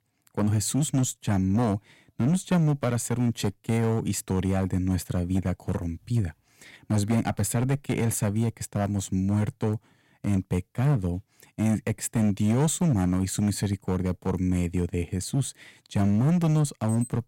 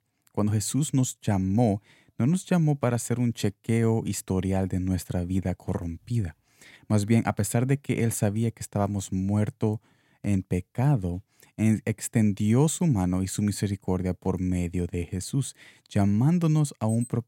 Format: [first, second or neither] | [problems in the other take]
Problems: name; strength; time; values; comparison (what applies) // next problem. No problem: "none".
second | distortion; slight; 7% of the sound clipped